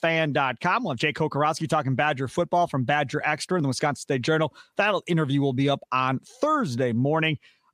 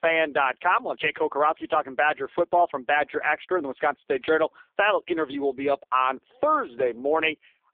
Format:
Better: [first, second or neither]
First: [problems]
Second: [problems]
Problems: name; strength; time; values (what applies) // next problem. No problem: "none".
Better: first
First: none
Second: phone-call audio; poor line